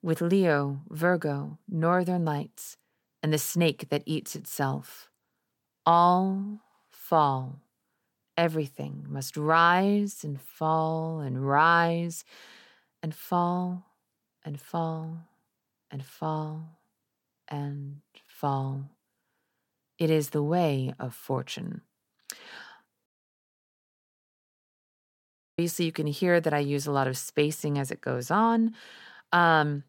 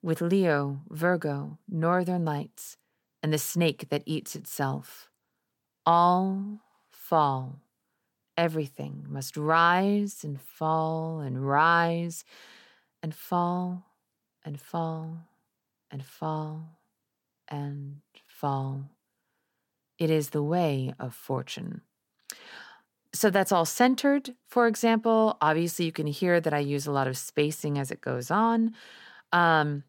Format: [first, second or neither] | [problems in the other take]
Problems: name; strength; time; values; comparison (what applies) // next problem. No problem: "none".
second | audio cutting out; at 23 s for 2.5 s